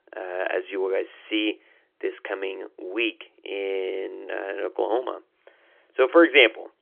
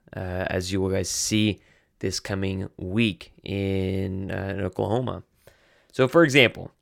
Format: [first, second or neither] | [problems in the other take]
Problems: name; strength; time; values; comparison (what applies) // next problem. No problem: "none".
second | phone-call audio; nothing above 3.5 kHz